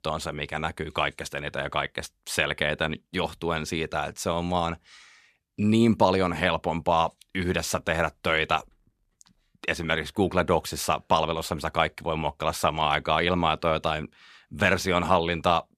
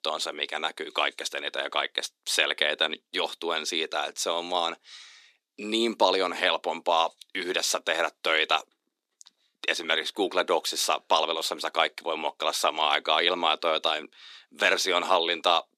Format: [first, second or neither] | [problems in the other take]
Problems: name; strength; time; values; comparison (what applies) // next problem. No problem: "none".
first | thin; somewhat; fading below 300 Hz